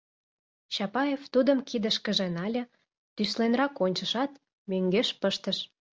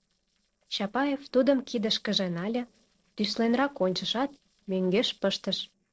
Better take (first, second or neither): first